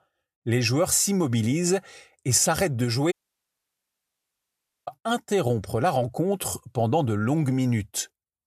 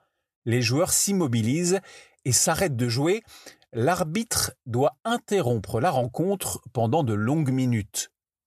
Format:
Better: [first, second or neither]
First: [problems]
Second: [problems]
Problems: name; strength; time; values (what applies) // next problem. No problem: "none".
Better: second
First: audio cutting out; at 3 s for 2 s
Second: none